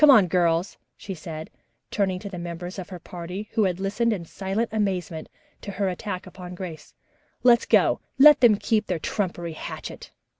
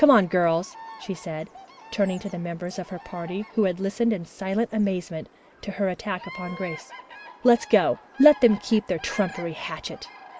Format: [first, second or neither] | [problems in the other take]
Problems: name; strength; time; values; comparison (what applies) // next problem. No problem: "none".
first | background sound (Bird vocalization, bird call, bird song); 19 dB below the speech